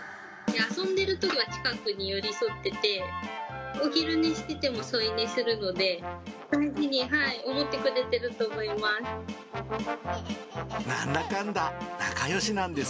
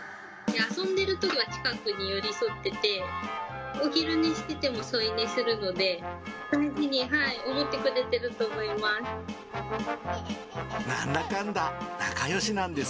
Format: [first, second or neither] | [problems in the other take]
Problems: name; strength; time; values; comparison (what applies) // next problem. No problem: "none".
first | background sound (Church bell); 15 dB below the speech